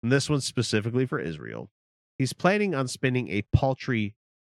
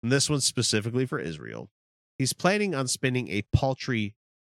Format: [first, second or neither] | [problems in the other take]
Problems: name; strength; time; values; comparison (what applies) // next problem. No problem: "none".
second | muffled; very slightly; fading above 4 kHz